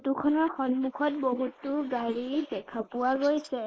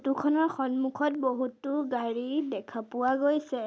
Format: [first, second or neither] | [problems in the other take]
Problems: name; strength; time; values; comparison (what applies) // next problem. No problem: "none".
second | noise reduction (neural mask model Resemble Enhance denoiser)